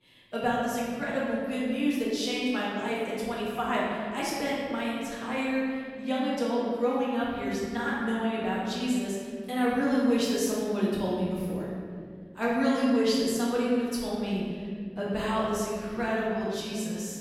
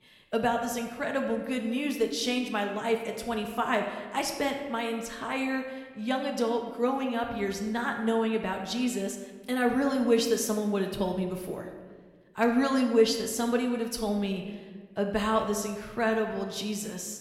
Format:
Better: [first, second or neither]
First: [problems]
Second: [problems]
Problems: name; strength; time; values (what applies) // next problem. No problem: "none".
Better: second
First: room echo; strong; dies away in 2.3 s // off-mic speech; far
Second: room echo; slight; dies away in 1.1 s